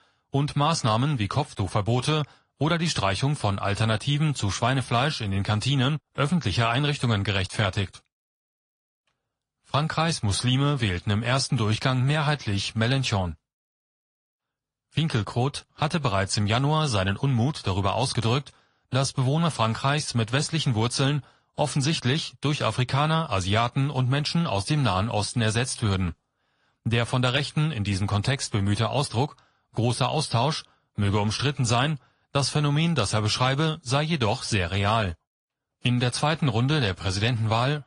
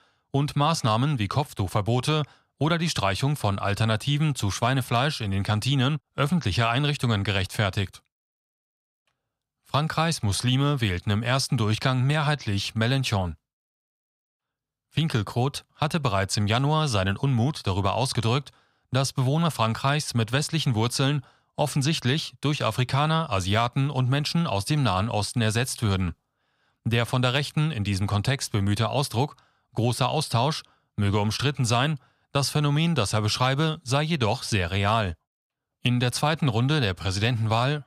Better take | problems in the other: second | garbled, watery; slightly; nothing above 10.5 kHz

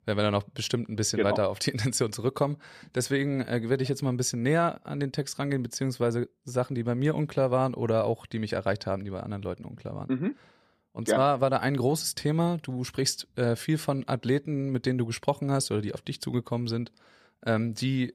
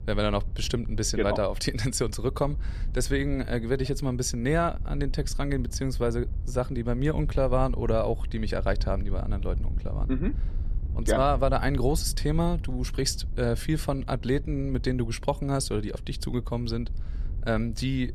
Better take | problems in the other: first | wind noise on the microphone; occasional gusts; 20 dB below the speech

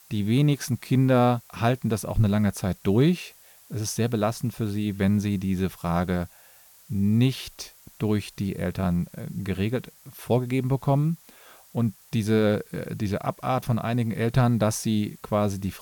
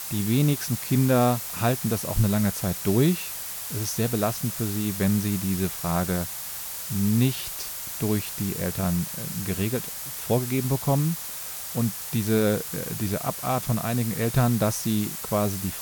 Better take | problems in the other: first | hiss; loud; throughout; 5 dB below the speech; faint in the first

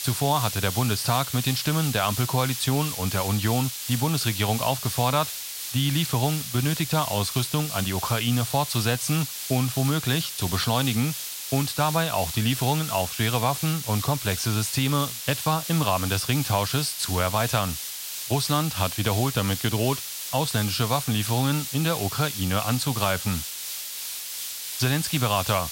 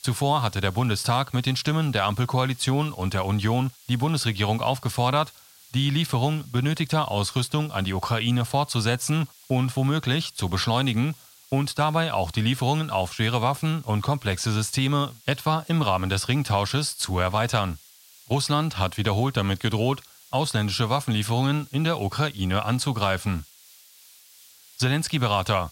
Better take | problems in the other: second | hiss; loud; throughout; 5 dB below the speech; faint in the second

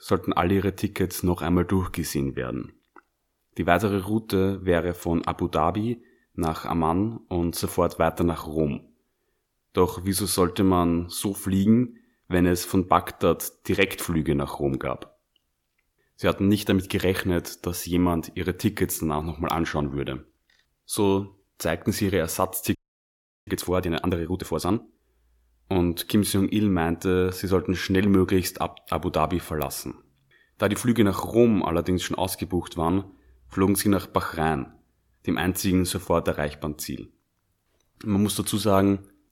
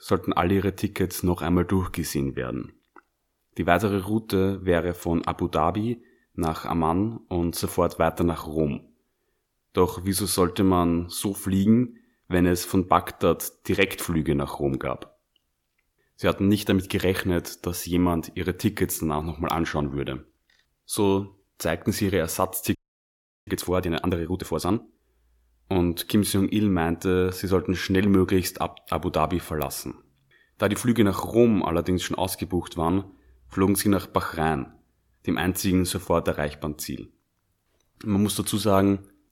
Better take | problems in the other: neither | audio freezing; at 23 s for 0.5 s; the same in both

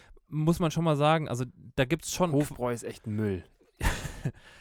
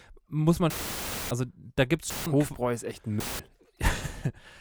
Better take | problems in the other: first | audio cutting out; filled with static; at 0.5 s for 0.5 s, at 2 s and at 3 s

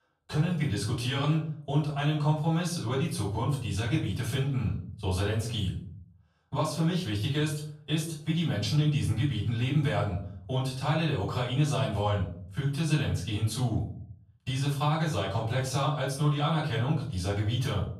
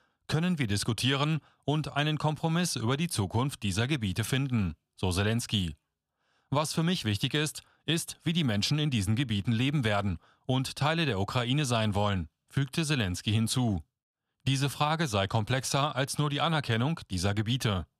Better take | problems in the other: second | off-mic speech; far // room echo; slight; dies away in 0.5 s

